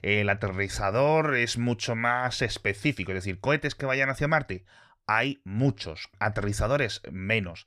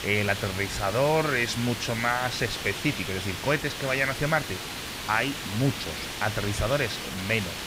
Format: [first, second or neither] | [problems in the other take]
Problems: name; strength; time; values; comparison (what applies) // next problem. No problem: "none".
first | hiss; loud; throughout; 6 dB below the speech